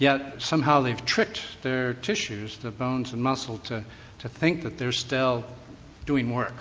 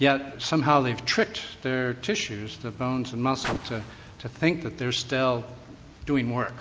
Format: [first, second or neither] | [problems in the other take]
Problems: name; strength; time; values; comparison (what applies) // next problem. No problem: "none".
first | background sound (Car); 17 dB below the speech